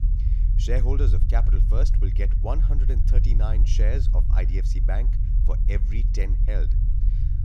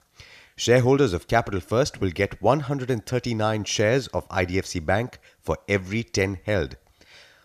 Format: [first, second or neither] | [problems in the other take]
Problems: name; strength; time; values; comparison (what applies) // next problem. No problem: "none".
second | low rumble; loud; throughout; 6 dB below the speech